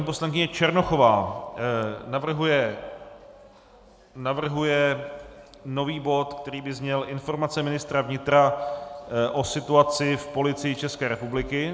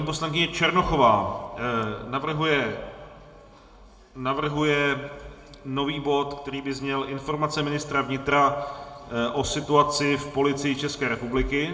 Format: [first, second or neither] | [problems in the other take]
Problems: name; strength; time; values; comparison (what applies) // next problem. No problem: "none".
first | room echo; dies away in 1.4 s